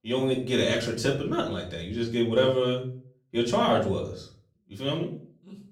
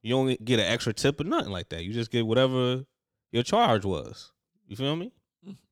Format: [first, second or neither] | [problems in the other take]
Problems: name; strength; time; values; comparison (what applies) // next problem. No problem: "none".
second | room echo; slight; dies away in 0.4 s // off-mic speech; far